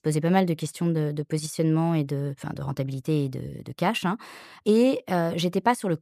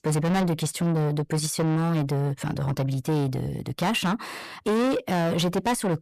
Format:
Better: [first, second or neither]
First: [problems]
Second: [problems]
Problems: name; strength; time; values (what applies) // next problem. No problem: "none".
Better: first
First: none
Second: distortion; heavy; 6 dB below the speech